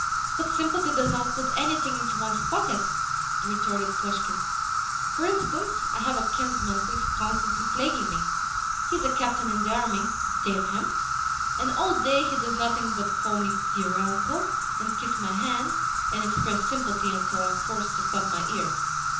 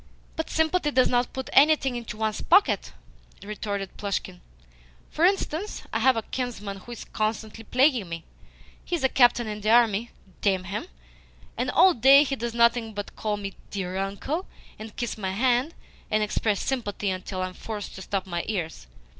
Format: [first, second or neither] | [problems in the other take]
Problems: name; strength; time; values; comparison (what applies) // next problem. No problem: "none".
second | background sound (Insect); 5 dB above the speech // room echo; dies away in 0.6 s